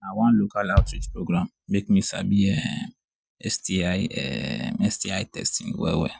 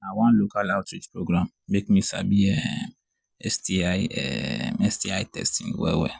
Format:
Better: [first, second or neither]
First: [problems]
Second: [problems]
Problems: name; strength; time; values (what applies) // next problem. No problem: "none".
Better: second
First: noise reduction (neural mask model RNNoise)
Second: none